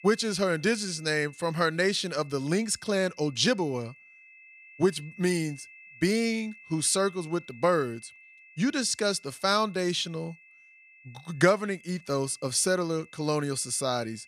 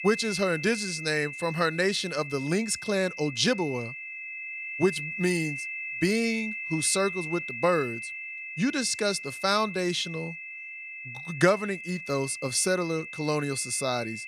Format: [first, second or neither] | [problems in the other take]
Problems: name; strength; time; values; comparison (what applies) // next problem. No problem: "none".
first | high-pitched whine; loud; throughout; 2.5 kHz, 8 dB below the speech; faint in the first